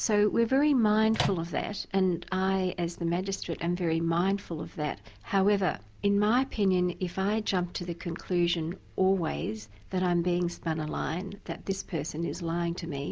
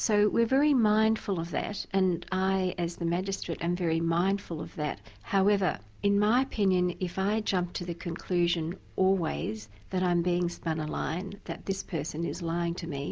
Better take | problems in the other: second | background sound (Microwave oven); 5 dB below the speech

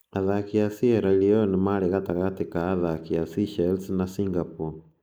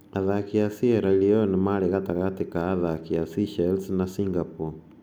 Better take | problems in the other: second | noise reduction (neural mask model Resemble Enhance denoiser)

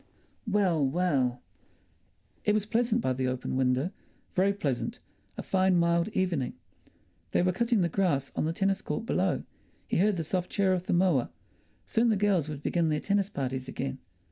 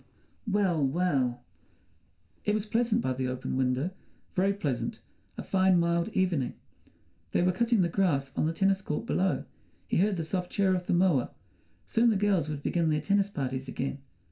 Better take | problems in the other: first | room echo; dies away in 0.3 s

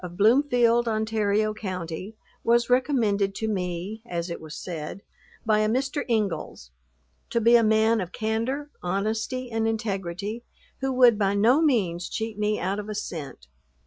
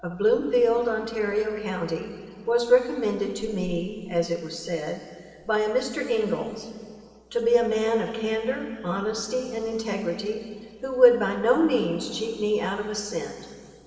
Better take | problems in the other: first | room echo; dies away in 2.4 s

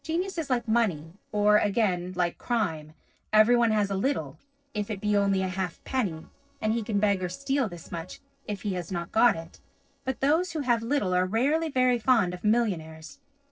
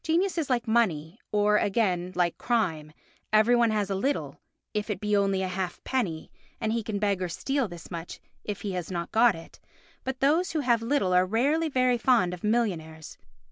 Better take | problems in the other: second | noise reduction (neural separator model SepFormer DNS4)

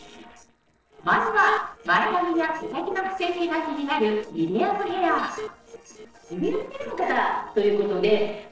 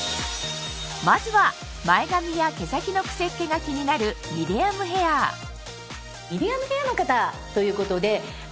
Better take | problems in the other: second | noise reduction (neural separator model SepFormer DNS4)

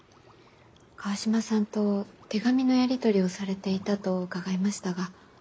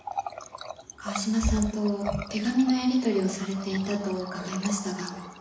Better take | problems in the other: first | background sound (Water tap, faucet); 8 dB below the speech // room echo; dies away in 1 s

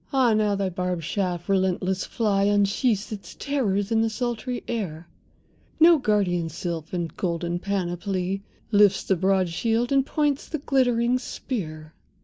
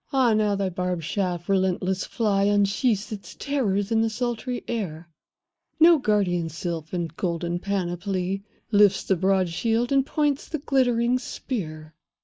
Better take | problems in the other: first | noise reduction (neural mask model Resemble Enhance denoiser)

